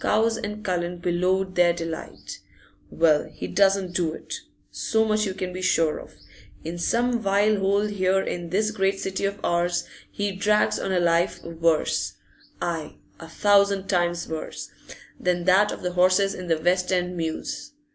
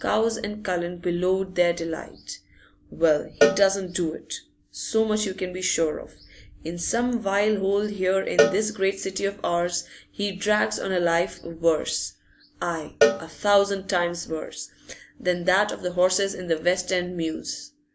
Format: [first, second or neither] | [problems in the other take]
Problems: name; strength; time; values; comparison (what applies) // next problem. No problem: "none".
first | background sound (Cowbell); 4 dB below the speech